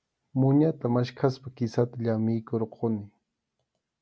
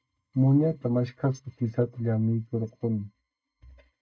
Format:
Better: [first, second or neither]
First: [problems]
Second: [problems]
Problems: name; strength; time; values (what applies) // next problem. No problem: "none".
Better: first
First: none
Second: noise reduction (neural mask model DeepFilterNet 3)